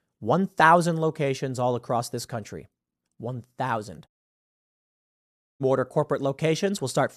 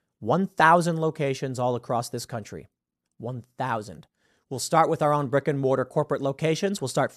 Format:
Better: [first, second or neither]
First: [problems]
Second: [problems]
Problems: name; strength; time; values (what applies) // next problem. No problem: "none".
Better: second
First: audio cutting out; at 4 s for 1.5 s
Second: none